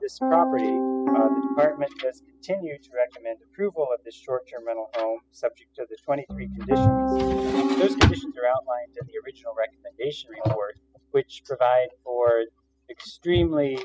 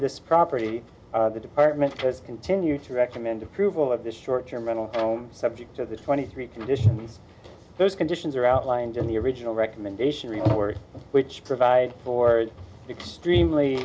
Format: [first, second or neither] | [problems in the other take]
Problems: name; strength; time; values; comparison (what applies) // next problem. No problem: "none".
second | noise reduction (classical method spectral subtraction)